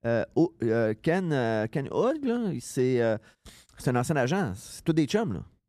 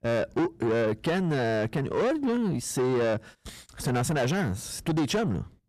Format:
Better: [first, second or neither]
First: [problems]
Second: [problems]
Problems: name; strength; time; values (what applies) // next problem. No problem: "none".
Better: first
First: none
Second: distortion; heavy; 7 dB below the speech